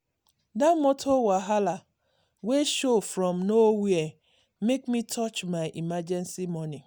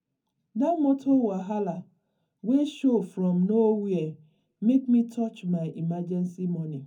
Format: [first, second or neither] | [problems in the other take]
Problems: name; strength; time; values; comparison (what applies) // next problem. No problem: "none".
first | room echo; dies away in 0.3 s